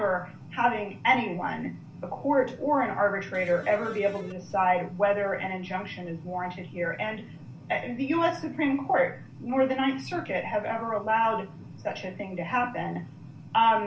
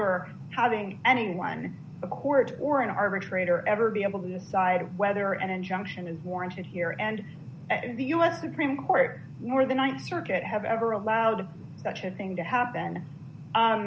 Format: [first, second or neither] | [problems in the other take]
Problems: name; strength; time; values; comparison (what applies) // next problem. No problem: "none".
second | background sound (Electric guitar); 16 dB below the speech // room echo; dies away in 0.2 s